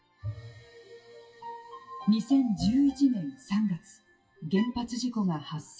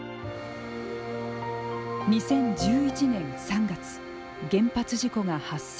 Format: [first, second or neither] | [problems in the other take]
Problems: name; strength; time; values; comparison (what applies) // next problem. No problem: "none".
second | noise reduction (classical method WPE with log-MMSE)